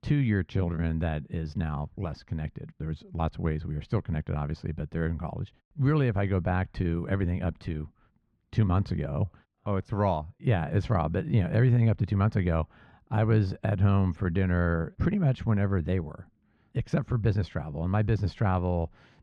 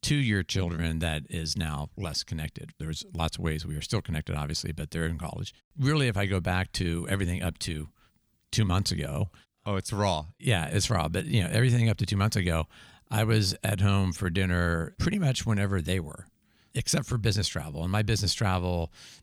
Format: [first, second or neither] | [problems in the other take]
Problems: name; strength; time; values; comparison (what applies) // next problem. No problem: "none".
second | muffled; very; fading above 4 kHz